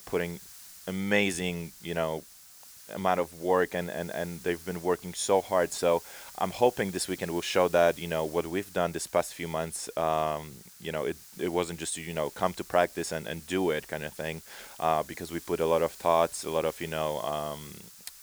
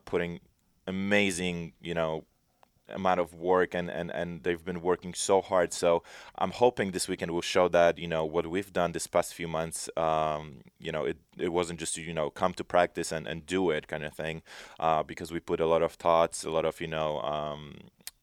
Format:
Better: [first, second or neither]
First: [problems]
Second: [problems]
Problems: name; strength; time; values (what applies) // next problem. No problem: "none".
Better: second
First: hiss; noticeable; throughout; 15 dB below the speech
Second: none